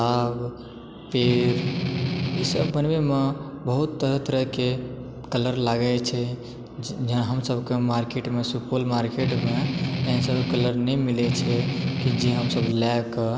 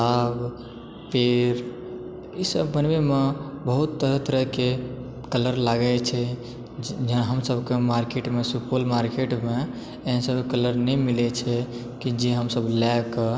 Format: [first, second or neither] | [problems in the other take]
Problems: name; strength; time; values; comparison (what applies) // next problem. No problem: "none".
second | background sound (Strum); 1 dB below the speech